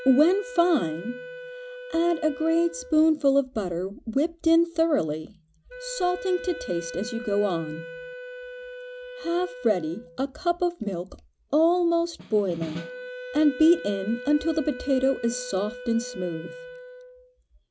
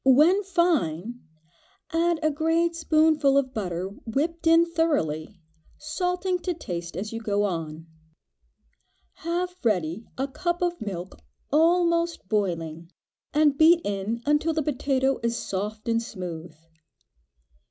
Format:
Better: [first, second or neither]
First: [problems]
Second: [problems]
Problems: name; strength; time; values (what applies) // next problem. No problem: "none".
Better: second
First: background sound (Wind instrument, woodwind instrument + Snare drum); 14 dB below the speech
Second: none